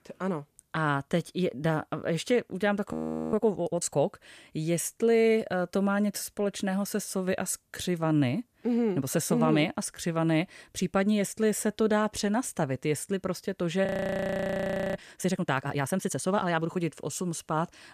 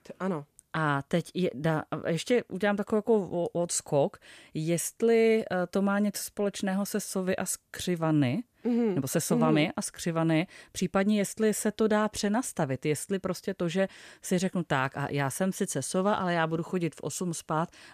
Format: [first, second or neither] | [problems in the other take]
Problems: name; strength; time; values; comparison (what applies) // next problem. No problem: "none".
second | audio freezing; at 3 s and at 14 s for 1 s